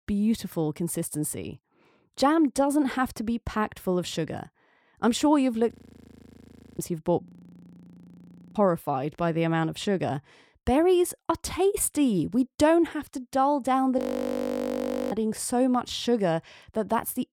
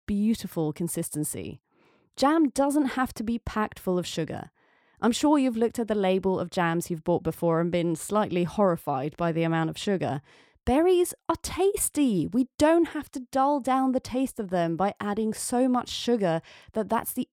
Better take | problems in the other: second | audio freezing; at 5.5 s for 1 s, at 7.5 s for 1.5 s and at 14 s for 1 s

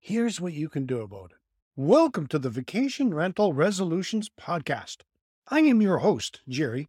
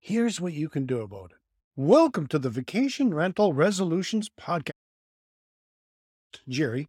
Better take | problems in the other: first | audio cutting out; at 4.5 s for 1.5 s

